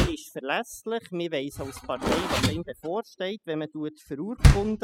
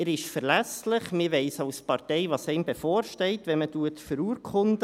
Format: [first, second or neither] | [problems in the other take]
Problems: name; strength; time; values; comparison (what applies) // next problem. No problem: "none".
second | noise reduction (classical method spectral subtraction)